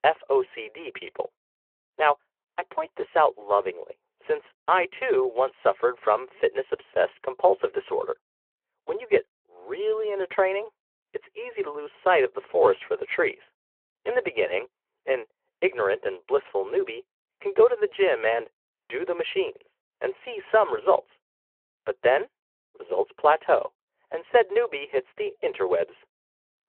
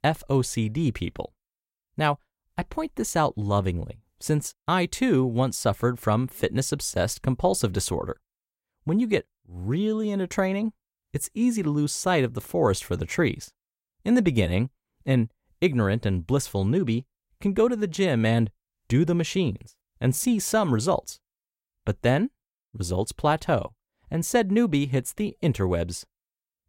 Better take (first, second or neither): second